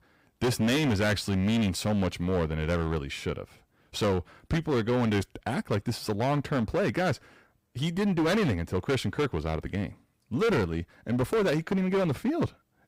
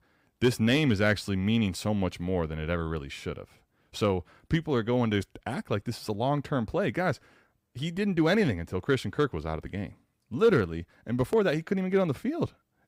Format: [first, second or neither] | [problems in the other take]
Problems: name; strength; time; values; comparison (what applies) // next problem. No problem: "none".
second | distortion; heavy; 14% of the sound clipped